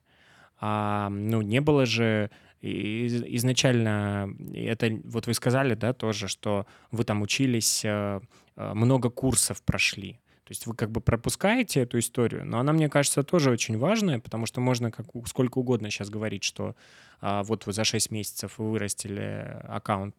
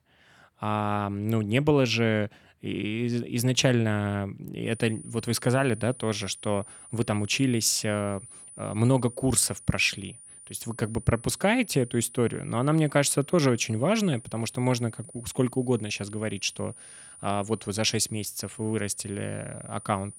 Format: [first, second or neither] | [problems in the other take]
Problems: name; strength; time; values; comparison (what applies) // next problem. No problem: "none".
first | high-pitched whine; noticeable; from 4.5 s on; 9.5 kHz, 20 dB below the speech